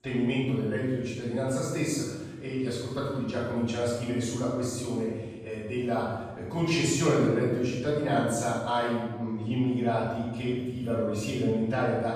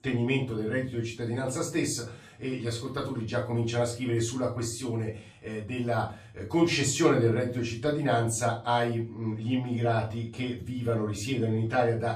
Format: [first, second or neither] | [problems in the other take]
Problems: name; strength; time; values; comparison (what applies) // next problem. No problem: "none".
second | room echo; strong; dies away in 1.3 s; slight in the second // off-mic speech; far; far in the second